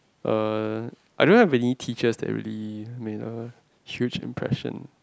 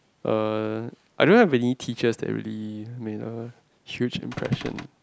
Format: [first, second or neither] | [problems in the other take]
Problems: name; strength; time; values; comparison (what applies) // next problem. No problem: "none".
first | background sound (Cupboard open or close / Door); 14 dB below the speech